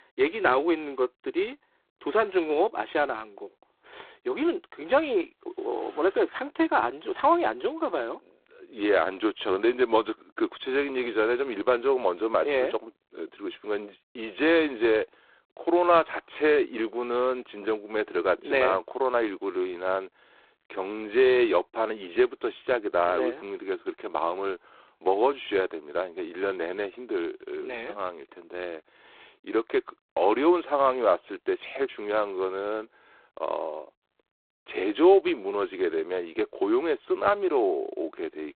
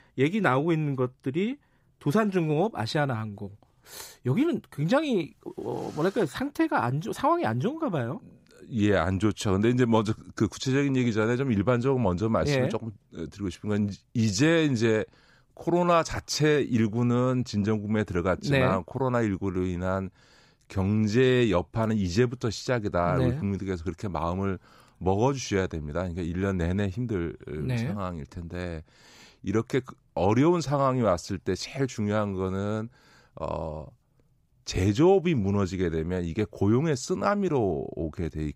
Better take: second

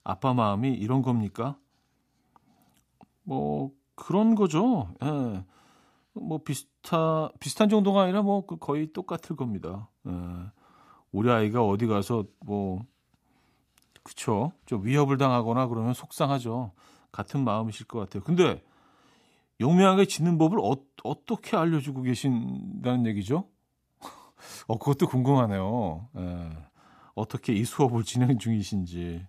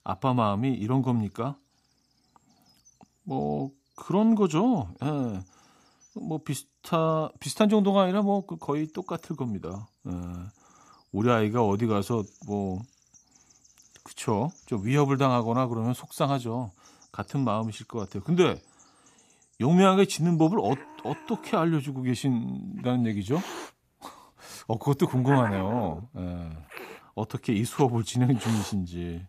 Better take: first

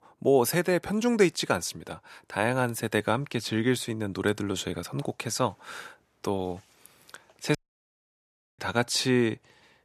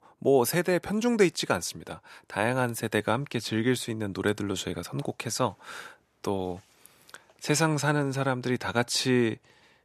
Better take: second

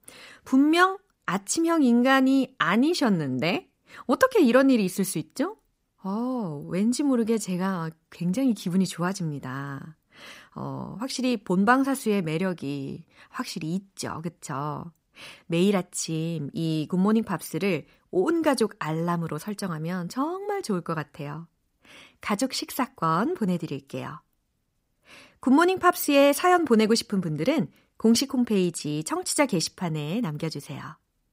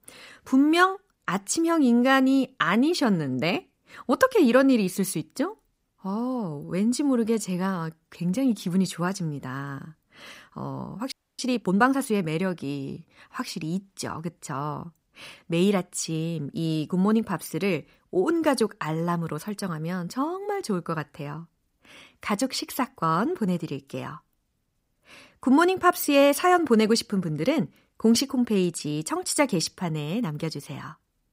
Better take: first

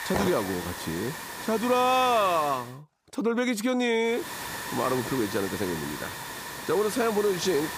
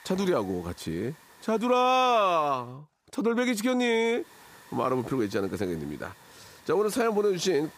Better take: second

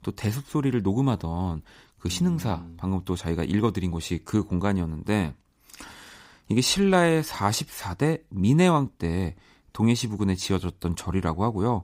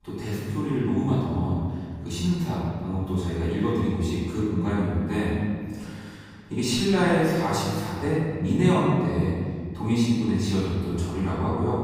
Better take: first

